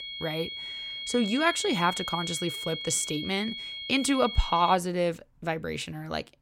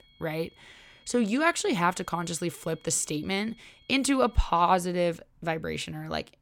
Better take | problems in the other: second | high-pitched whine; loud; until 5 s; 3.5 kHz, 6 dB below the speech; faint in the second

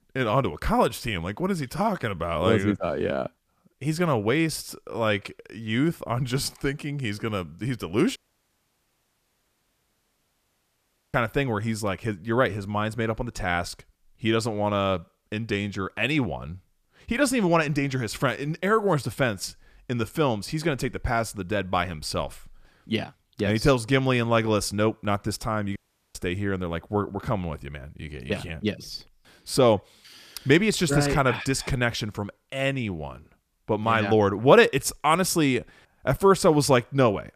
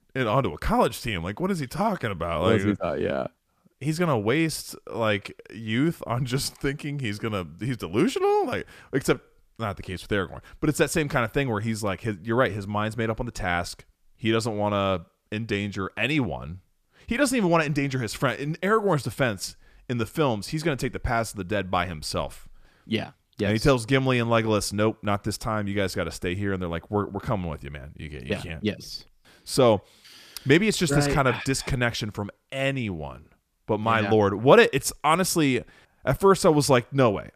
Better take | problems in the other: second | audio cutting out; at 8 s for 3 s and at 26 s

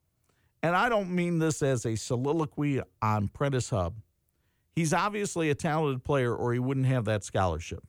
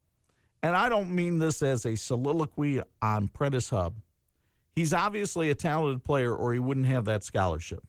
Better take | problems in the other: first | garbled, watery; slightly

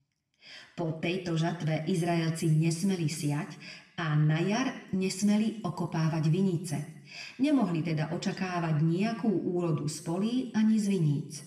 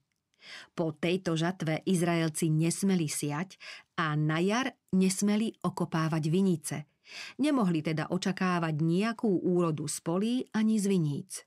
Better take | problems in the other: second | room echo; slight; dies away in 0.8 s // off-mic speech; somewhat distant

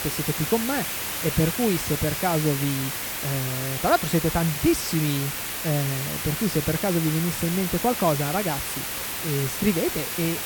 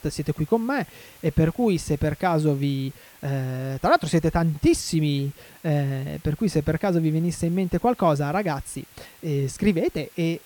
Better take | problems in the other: second | hiss; loud; throughout; 2 dB below the speech; faint in the second

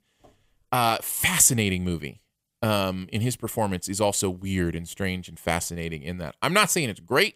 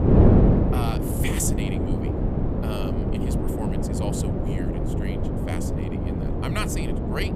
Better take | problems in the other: first | wind noise on the microphone; heavy; 4 dB above the speech

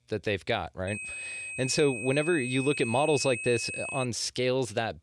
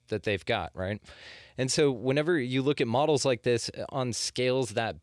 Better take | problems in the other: second | high-pitched whine; loud; from 1 to 4 s; 2.5 kHz, 6 dB below the speech

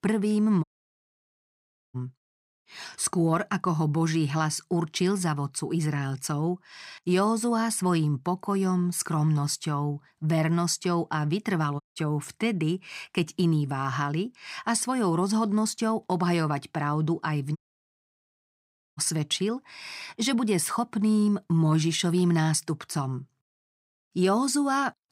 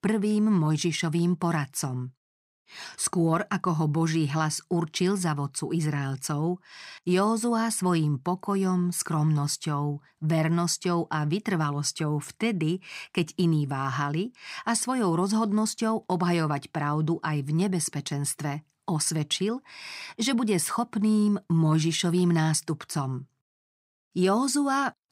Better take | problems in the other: second | audio cutting out; at 0.5 s for 1.5 s, at 12 s and at 18 s for 1.5 s

